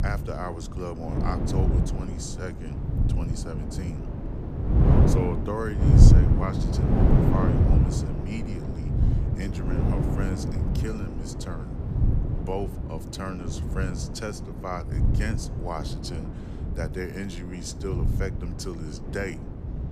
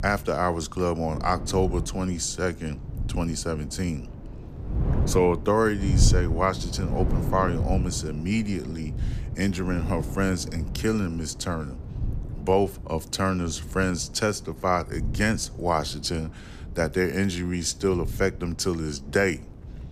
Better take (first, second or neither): second